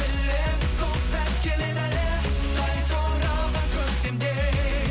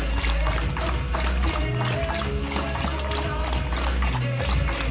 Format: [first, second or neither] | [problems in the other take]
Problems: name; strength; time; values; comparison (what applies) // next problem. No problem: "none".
first | background sound (Dog); 9 dB below the speech // room echo; dies away in 0.6 s